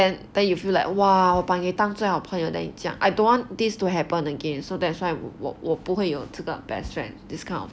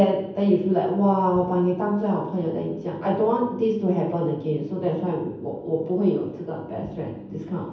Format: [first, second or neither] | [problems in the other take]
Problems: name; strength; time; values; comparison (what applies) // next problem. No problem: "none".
first | room echo; dies away in 0.9 s